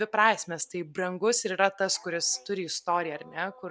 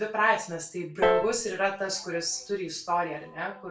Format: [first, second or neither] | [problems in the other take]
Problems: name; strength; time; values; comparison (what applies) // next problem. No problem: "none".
first | background sound (Piano); 2 dB below the speech // room echo; dies away in 0.3 s